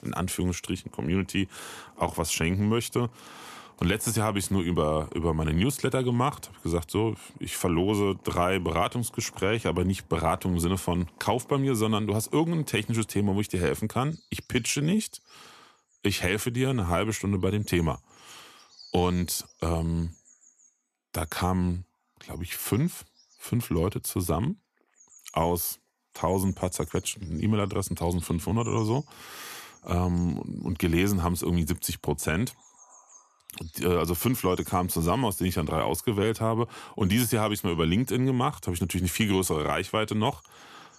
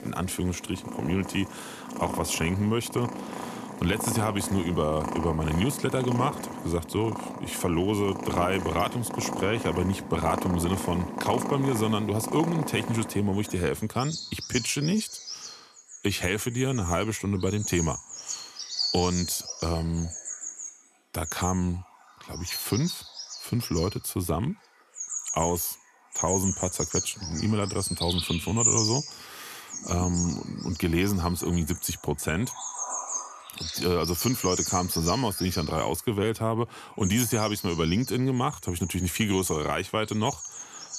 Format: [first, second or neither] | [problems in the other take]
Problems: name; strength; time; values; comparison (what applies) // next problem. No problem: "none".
first | animal sounds; loud; throughout; 5 dB below the speech; faint in the first